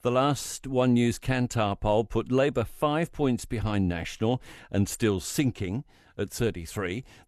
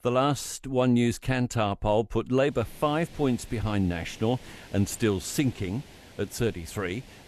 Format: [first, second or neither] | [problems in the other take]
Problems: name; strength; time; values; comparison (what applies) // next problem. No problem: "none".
first | hiss; faint; from 2.5 s on; 20 dB below the speech